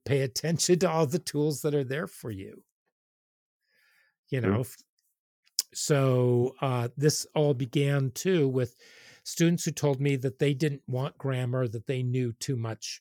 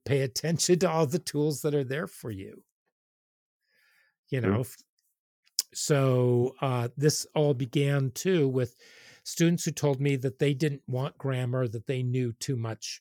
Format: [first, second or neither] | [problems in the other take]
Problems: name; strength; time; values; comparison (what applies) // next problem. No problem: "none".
neither | none